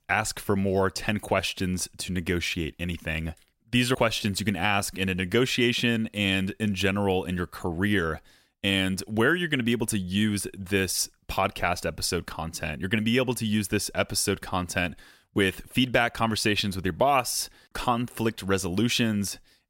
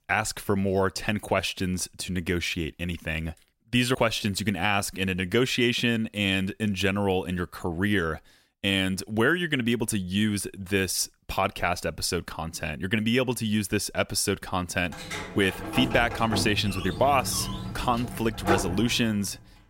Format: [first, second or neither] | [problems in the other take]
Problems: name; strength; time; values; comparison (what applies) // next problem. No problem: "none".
first | door banging; noticeable; from 15 to 19 s; peak 1 dB below the speech